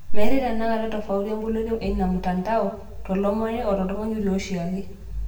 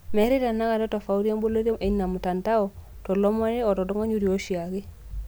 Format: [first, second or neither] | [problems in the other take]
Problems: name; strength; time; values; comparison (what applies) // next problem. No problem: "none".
second | room echo; dies away in 0.6 s